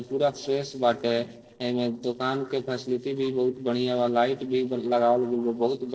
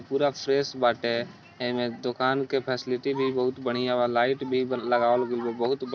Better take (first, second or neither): second